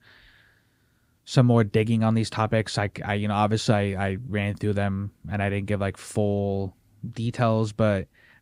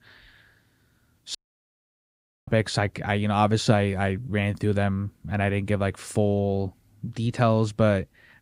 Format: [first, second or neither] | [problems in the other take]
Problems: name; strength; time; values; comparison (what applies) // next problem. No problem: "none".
first | audio cutting out; at 1.5 s for 1 s